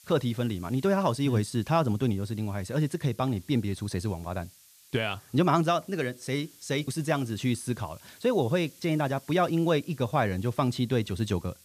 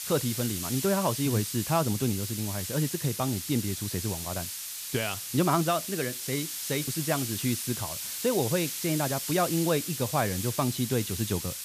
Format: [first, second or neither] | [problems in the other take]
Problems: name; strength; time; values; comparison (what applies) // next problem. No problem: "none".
first | hiss; loud; throughout; 4 dB below the speech; faint in the first